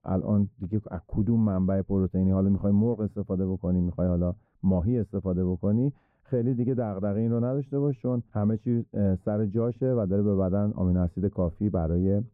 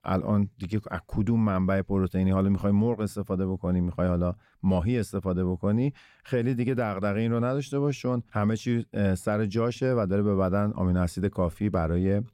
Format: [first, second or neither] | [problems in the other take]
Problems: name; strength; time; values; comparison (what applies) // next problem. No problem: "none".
second | muffled; very; fading above 1.5 kHz